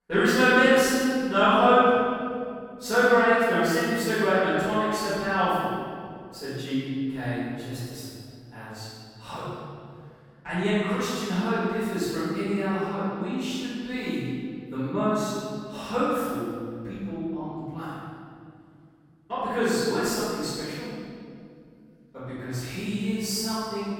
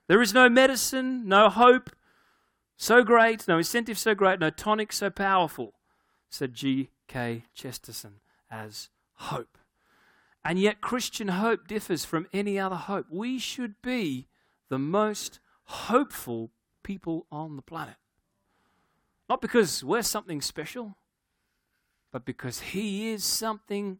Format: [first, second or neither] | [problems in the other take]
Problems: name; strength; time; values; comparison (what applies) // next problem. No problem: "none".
second | room echo; strong; dies away in 2.1 s // off-mic speech; far